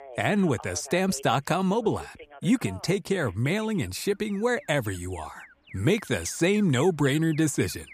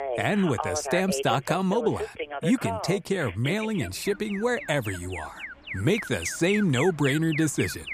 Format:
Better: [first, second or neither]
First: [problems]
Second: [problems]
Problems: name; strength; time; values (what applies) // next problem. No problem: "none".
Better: first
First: alarms or sirens; faint; throughout; 20 dB below the speech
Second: alarms or sirens; loud; throughout; 8 dB below the speech